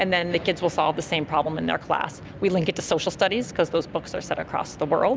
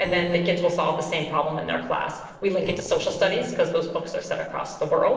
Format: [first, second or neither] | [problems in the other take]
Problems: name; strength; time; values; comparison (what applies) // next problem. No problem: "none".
first | noise reduction (neural separator model SepFormer DNS4)